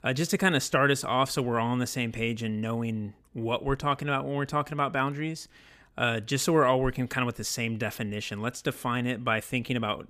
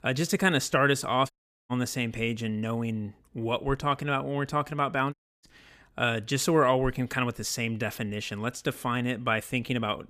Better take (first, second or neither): first